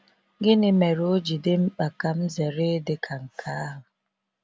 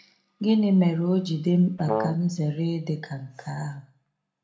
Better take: first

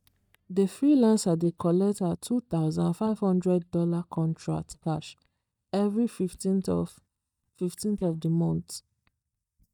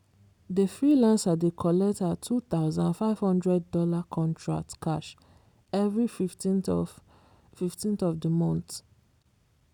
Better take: second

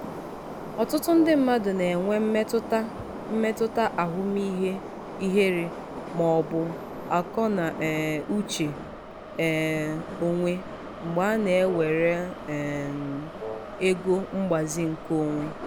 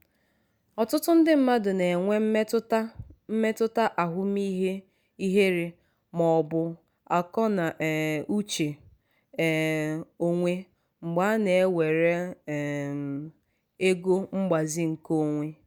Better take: second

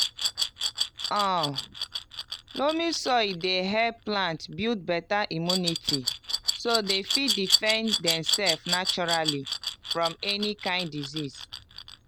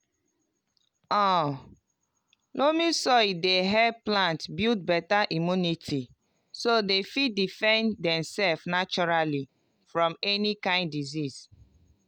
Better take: second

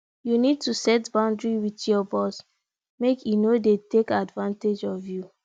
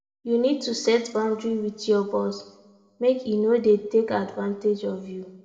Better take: first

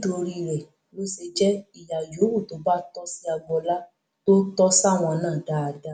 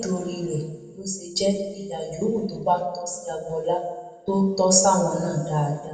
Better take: first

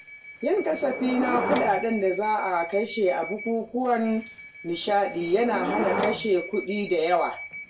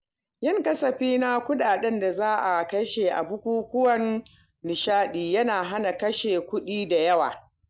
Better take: second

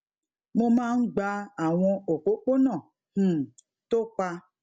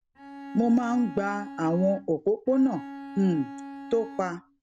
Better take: first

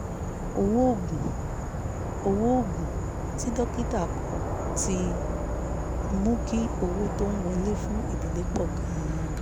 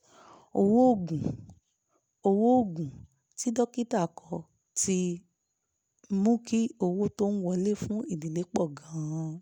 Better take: second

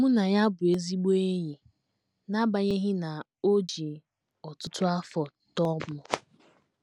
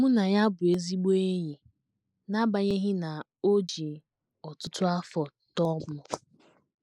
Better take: first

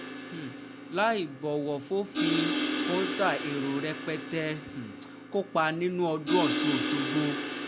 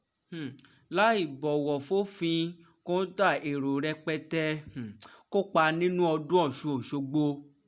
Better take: second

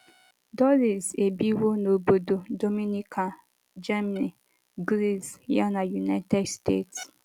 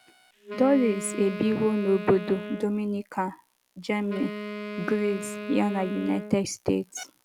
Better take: first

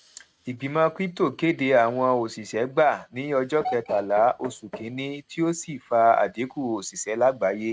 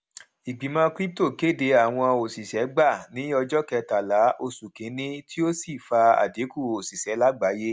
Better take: second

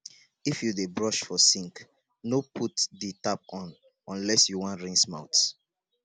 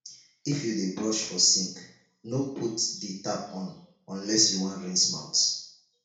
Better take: first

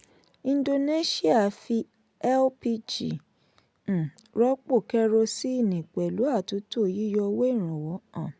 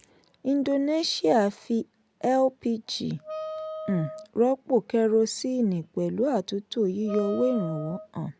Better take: first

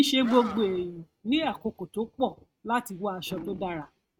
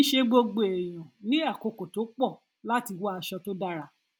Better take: second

